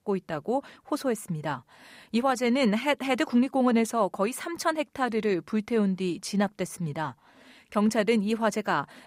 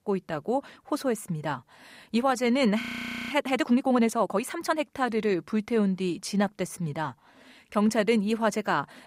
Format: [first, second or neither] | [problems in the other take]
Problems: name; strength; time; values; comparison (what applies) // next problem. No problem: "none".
first | audio freezing; at 3 s